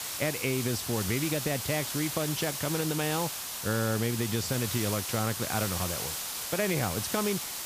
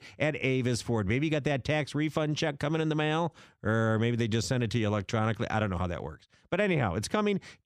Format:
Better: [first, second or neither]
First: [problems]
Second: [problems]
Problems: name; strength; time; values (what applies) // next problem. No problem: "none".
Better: second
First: hiss; loud; throughout; 2 dB below the speech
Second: none